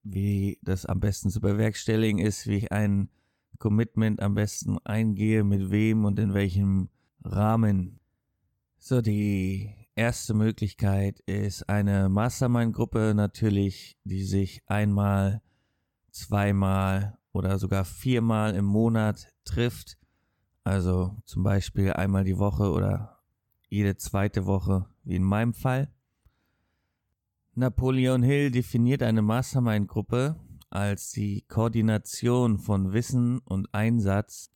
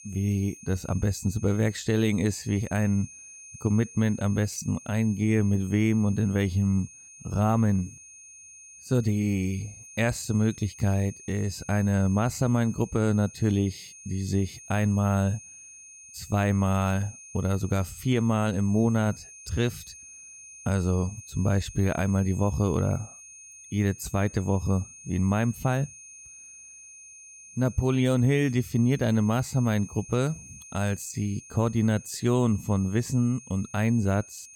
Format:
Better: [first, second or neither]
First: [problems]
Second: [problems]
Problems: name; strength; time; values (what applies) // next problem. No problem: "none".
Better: first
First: none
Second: high-pitched whine; noticeable; throughout; 6.5 kHz, 20 dB below the speech